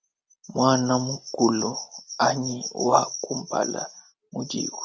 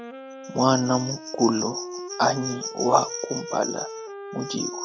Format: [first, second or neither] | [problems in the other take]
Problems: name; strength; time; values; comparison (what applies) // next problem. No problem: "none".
first | background sound (Wind instrument, woodwind instrument); 12 dB below the speech